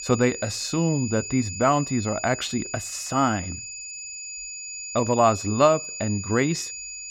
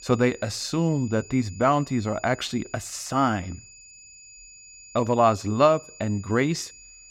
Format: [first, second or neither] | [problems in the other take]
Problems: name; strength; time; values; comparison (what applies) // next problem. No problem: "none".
second | high-pitched whine; loud; throughout; 7 kHz, 9 dB below the speech; faint in the second